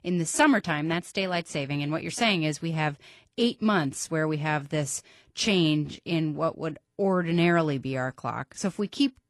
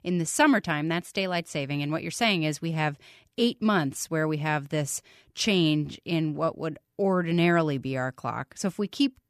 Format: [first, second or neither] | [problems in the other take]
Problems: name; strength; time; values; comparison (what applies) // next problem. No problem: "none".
second | garbled, watery; slightly; nothing above 11.5 kHz